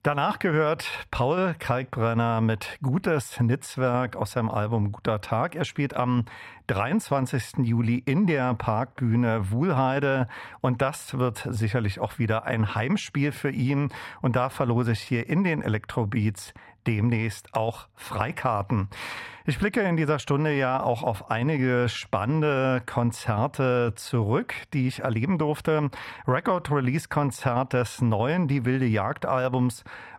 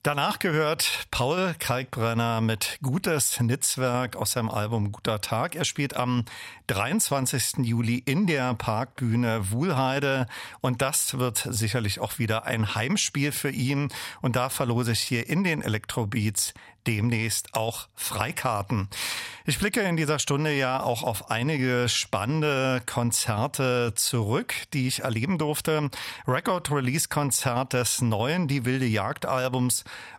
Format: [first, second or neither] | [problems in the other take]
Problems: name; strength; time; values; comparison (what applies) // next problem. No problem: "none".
second | muffled; slightly; fading above 3 kHz